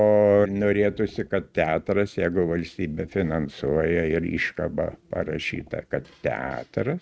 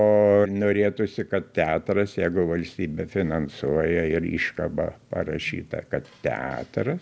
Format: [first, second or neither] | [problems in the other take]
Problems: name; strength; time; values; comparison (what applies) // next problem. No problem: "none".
second | noise reduction (neural mask model RNNoise)